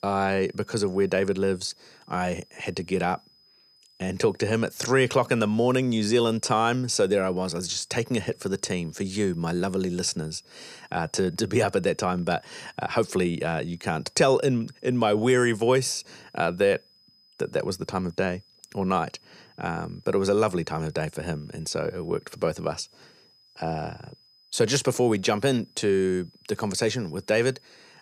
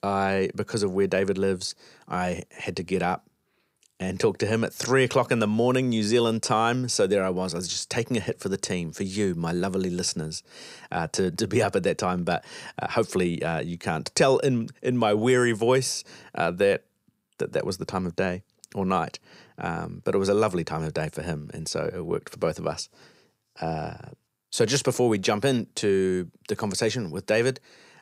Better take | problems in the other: second | high-pitched whine; faint; throughout; 5 kHz, 30 dB below the speech

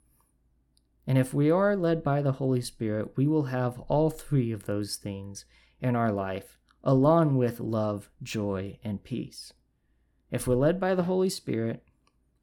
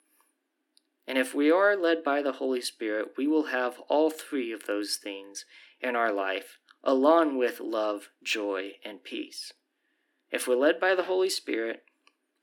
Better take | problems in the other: first | thin; somewhat; fading below 300 Hz

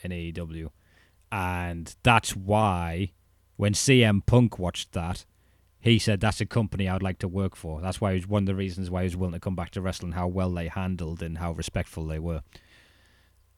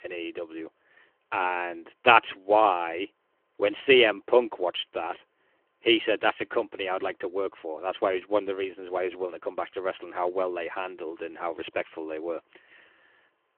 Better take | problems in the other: first | phone-call audio; nothing above 3 kHz

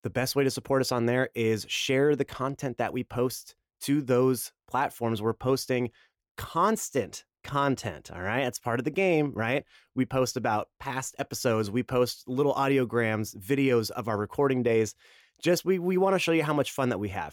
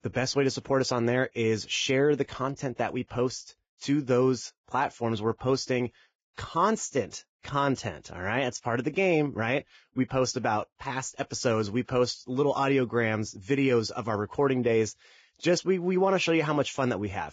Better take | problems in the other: first | garbled, watery; badly; nothing above 7.5 kHz

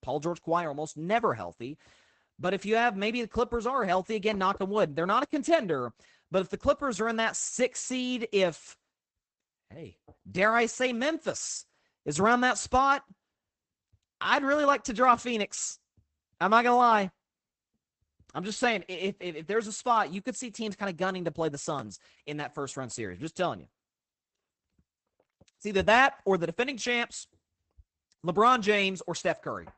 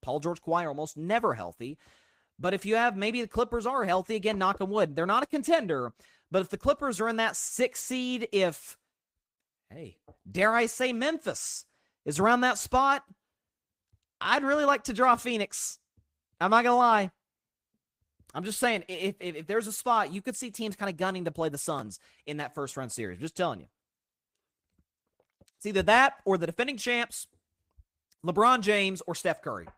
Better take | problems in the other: second | garbled, watery; badly; nothing above 8 kHz; slightly in the second

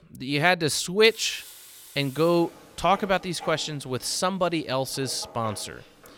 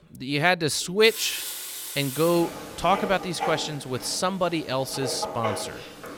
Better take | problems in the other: first | household noises; loud; throughout; 9 dB below the speech; faint in the first

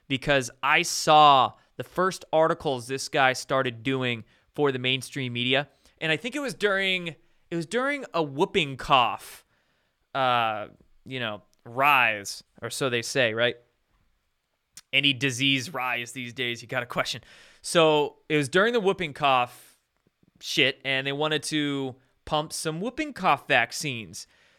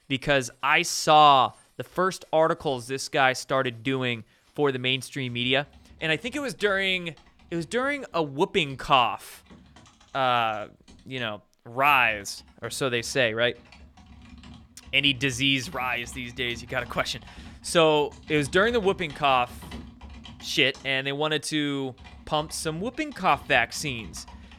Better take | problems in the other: first | household noises; faint; throughout; 25 dB below the speech

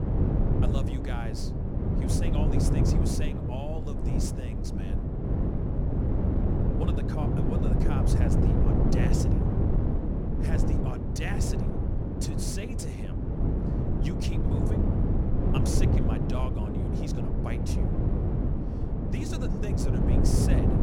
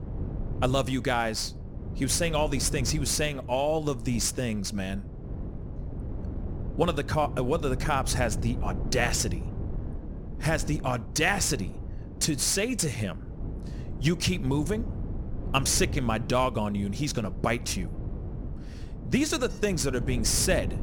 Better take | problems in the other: second | wind noise on the microphone; heavy; 4 dB above the speech; occasional gusts in the second

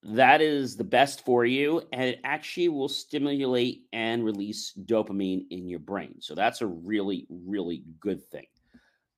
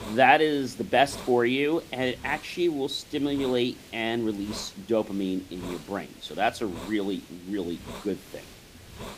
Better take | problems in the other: first | hiss; noticeable; throughout; 15 dB below the speech

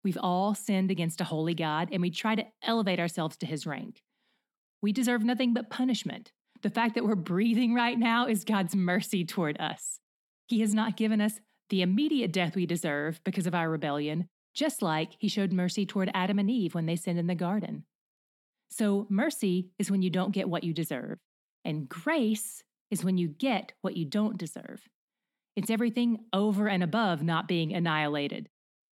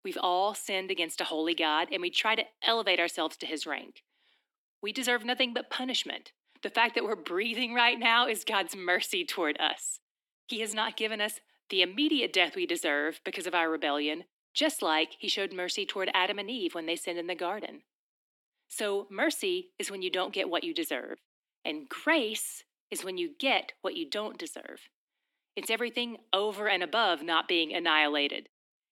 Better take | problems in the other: first | thin; very; fading below 300 Hz

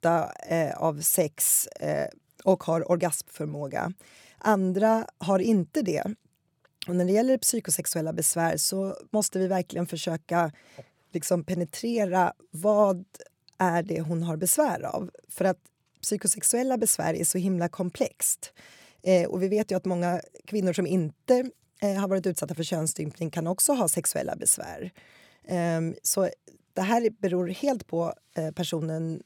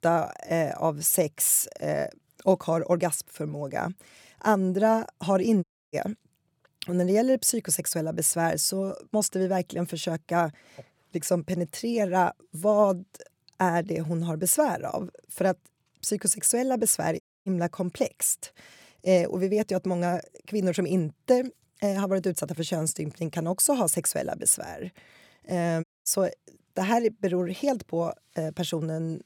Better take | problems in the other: first | audio cutting out; at 5.5 s, at 17 s and at 26 s

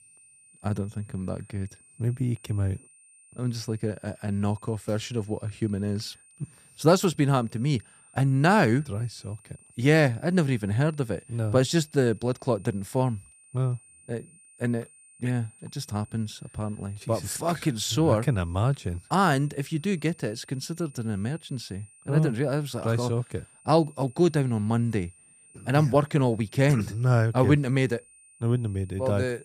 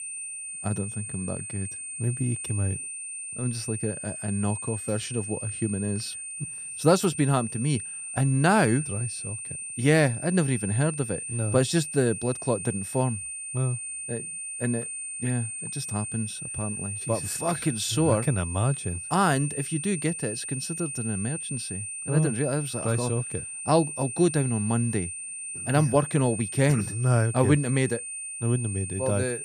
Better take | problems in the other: first | high-pitched whine; loud; throughout; 9 kHz, 6 dB below the speech; faint in the first

